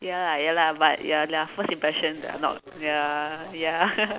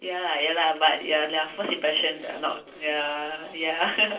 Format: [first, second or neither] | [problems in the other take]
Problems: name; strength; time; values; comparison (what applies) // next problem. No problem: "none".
first | room echo; dies away in 0.3 s